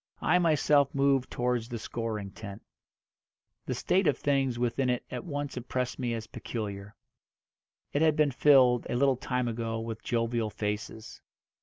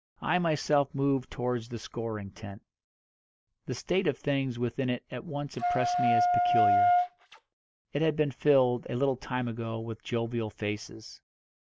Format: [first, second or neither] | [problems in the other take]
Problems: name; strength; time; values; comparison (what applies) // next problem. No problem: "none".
first | background sound (Wind instrument, woodwind instrument); 5 dB above the speech